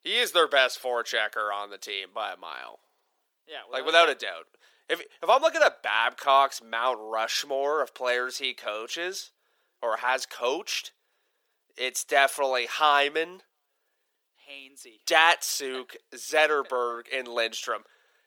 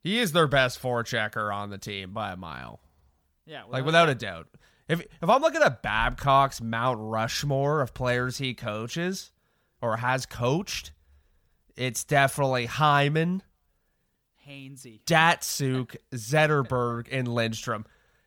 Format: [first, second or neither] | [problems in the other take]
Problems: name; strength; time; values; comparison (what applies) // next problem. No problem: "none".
second | thin; very; fading below 350 Hz